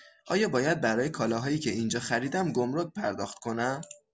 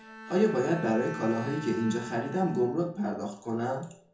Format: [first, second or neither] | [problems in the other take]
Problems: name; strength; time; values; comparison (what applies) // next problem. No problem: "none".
first | background sound (Bowed string instrument); 14 dB below the speech // room echo; dies away in 0.5 s